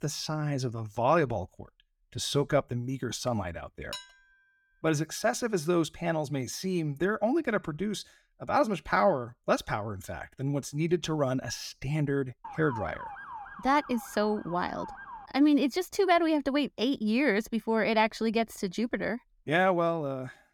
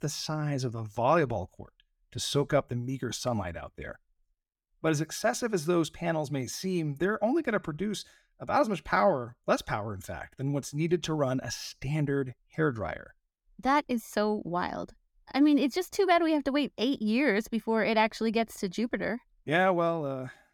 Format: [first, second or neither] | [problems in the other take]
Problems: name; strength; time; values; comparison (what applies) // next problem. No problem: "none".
second | clattering dishes; faint; at 4 s; peak 10 dB below the speech // siren; faint; from 12 to 15 s; peak 10 dB below the speech